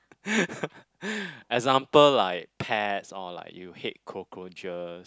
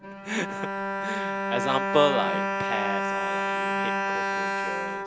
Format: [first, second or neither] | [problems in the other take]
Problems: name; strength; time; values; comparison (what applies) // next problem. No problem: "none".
first | background sound (Bowed string instrument); 3 dB above the speech